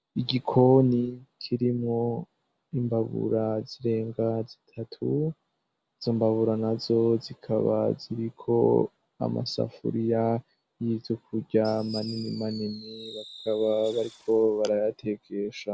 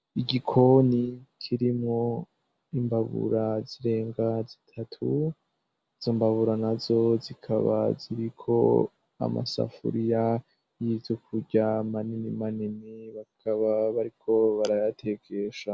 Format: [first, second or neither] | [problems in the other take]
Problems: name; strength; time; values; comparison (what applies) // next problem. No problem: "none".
second | background sound (Fireworks); 19 dB below the speech